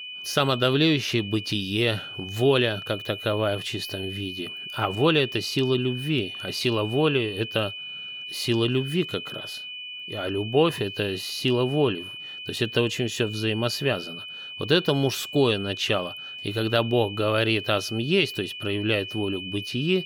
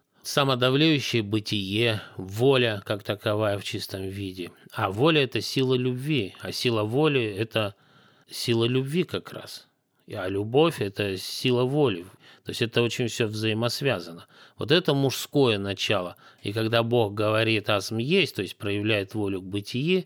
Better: second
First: high-pitched whine; loud; throughout; 3 kHz, 9 dB below the speech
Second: none

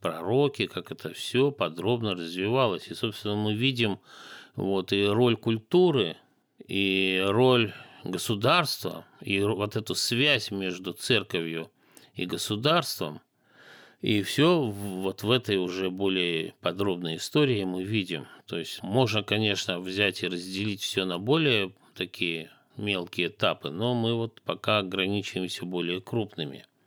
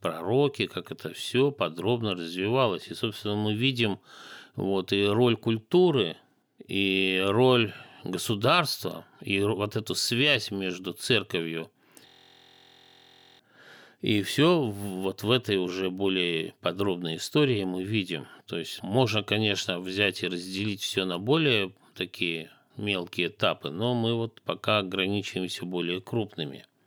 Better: first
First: none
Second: audio freezing; at 12 s for 1.5 s

